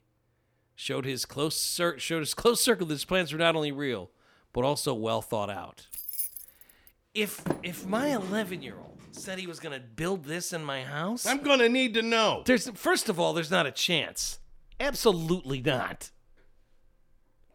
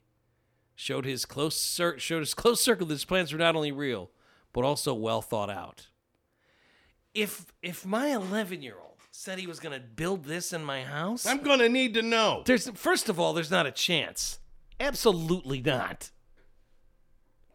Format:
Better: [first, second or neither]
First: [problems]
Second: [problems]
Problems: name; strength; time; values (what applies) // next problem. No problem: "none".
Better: second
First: jangling keys; noticeable; at 6 s; peak 4 dB below the speech // door banging; noticeable; at 7.5 s; peak 7 dB below the speech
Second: none